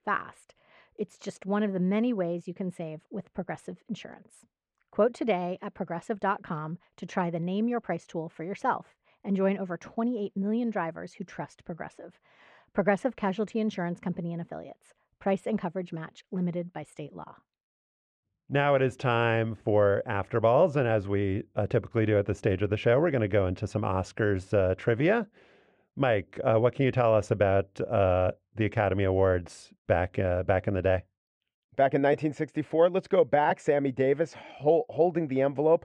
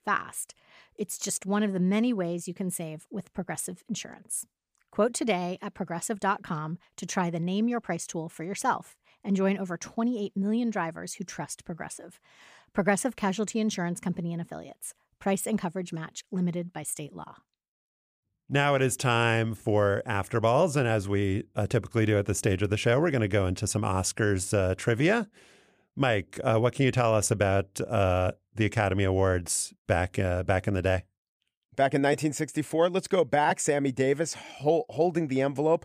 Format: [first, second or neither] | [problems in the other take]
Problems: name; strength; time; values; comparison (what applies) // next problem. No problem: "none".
second | muffled; very; fading above 2.5 kHz